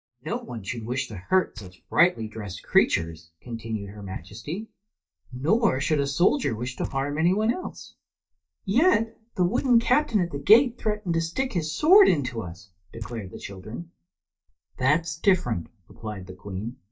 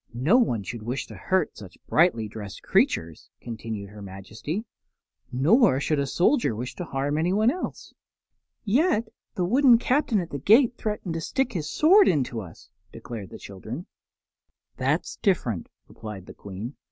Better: second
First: noise reduction (neural mask model DeepFilterNet 3)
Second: none

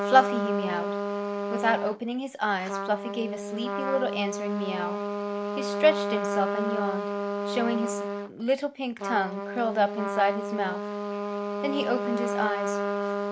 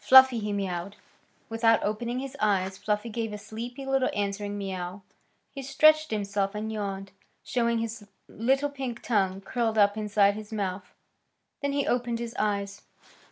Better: second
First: background sound (Trumpet); 2 dB below the speech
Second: none

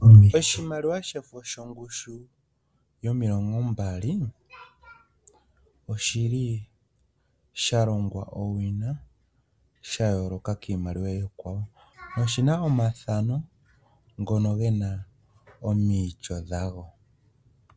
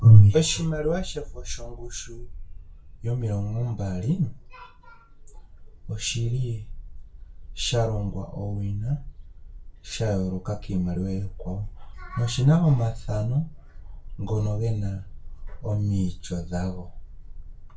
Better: first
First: none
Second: background sound (Bark); 12 dB below the speech // room echo; dies away in 0.2 s

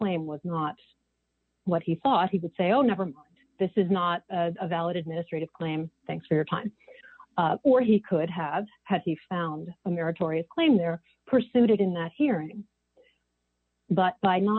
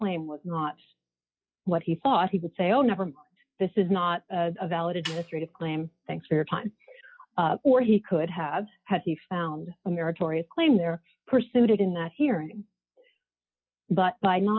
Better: first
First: none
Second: noise reduction (classical method log-MMSE)

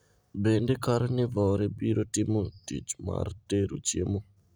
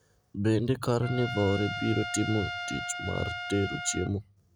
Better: first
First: none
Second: background sound (Trumpet); 7 dB below the speech

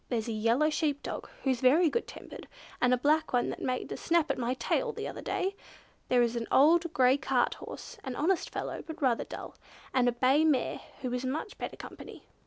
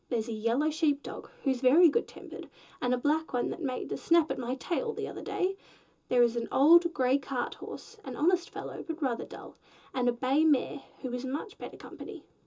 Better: first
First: none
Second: room echo; dies away in 0.2 s

